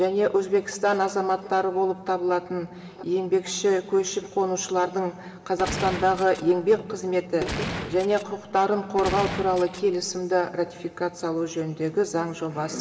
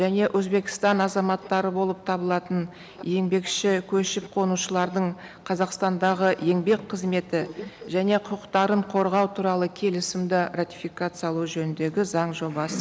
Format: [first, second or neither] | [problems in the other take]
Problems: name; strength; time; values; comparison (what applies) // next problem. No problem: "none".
second | background sound (Gunshot, gunfire); 9 dB below the speech // room echo; dies away in 2.4 s